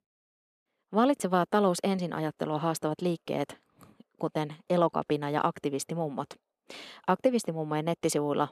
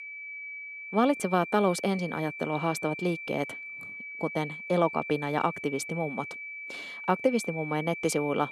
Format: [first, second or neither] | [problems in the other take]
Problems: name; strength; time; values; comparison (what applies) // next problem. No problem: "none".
first | high-pitched whine; loud; throughout; 2.5 kHz, 9 dB below the speech